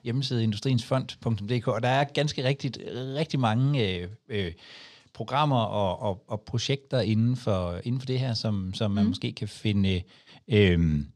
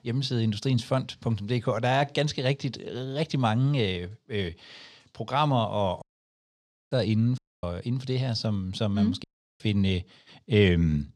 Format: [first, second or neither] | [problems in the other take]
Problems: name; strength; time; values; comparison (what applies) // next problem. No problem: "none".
first | audio cutting out; at 6 s for 1 s, at 7.5 s and at 9 s